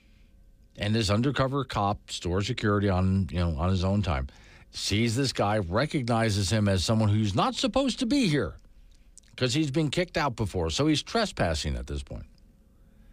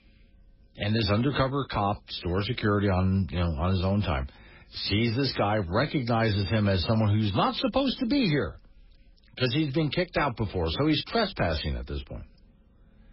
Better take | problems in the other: first | garbled, watery; badly; nothing above 5.5 kHz

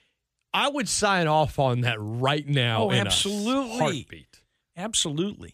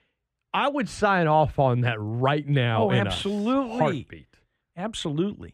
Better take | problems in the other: first | muffled; very; fading above 3 kHz

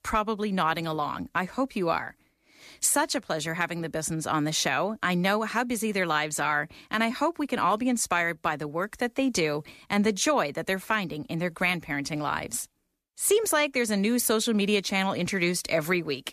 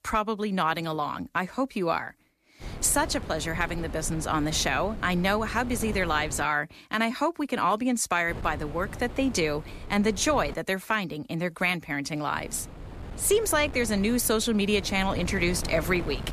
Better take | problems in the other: first | wind noise on the microphone; occasional gusts; from 2.5 to 6.5 s, from 8.5 to 11 s and from 12 s on; 15 dB below the speech

